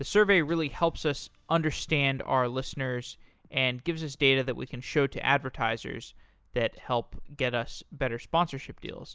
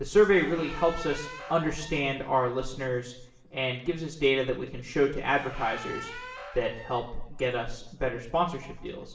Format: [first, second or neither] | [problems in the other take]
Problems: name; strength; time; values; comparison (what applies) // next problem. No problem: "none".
first | background sound (Squeak); 15 dB below the speech // room echo; dies away in 0.8 s